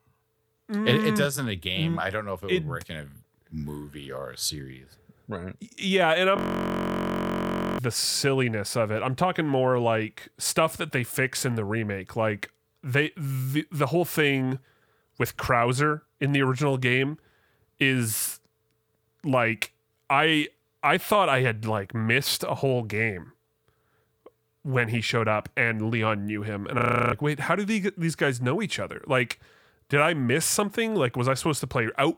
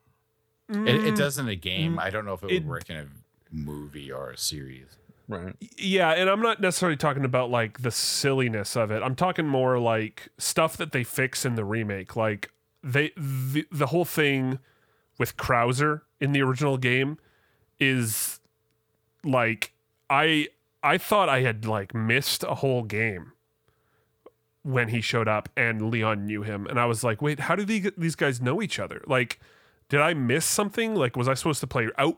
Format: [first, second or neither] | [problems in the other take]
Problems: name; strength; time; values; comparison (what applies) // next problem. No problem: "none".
second | audio freezing; at 6.5 s for 1.5 s and at 27 s